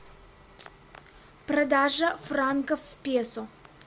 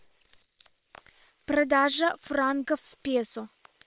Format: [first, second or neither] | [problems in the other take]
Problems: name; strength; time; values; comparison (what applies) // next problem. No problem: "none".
first | noise reduction (neural separator model SepFormer WHAM!)